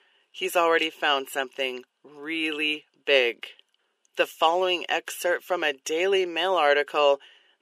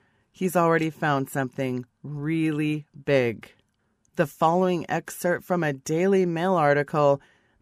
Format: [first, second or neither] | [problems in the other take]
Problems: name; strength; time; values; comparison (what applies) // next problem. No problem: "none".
second | thin; very; fading below 400 Hz